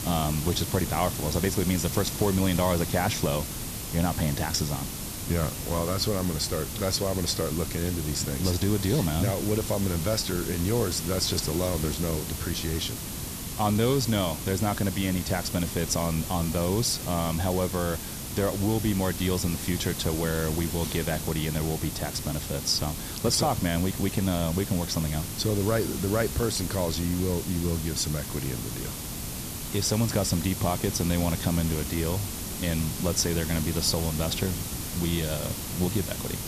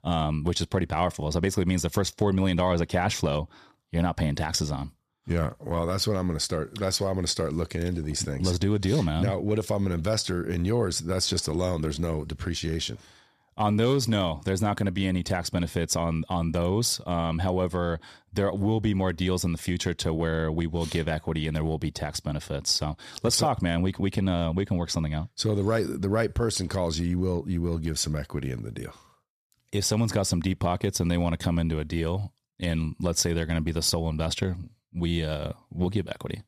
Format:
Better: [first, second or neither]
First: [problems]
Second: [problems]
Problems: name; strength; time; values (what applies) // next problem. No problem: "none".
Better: second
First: hiss; loud; throughout; 5 dB below the speech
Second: none